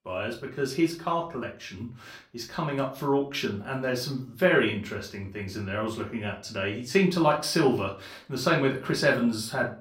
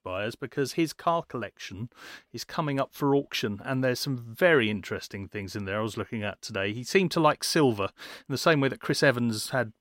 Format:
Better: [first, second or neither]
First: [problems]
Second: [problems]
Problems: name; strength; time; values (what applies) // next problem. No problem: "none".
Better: second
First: off-mic speech; far // room echo; slight; dies away in 0.3 s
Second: none